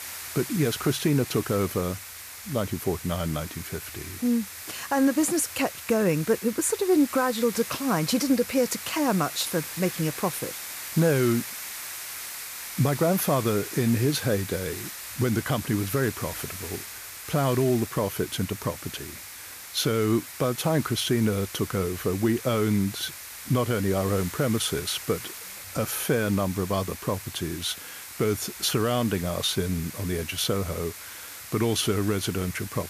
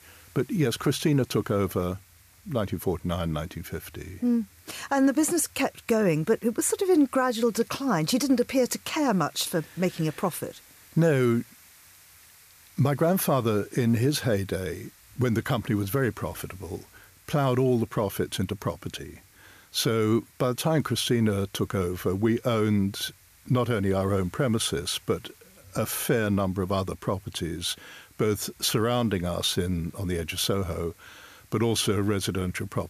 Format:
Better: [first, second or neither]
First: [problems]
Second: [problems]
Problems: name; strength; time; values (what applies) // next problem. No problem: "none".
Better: second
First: hiss; loud; throughout; 10 dB below the speech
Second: hiss; faint; throughout; 25 dB below the speech